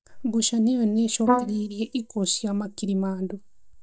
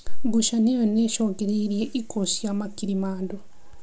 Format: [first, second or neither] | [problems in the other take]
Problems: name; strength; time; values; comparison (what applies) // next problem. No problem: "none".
second | noise reduction (neural mask model DeepFilterNet 3)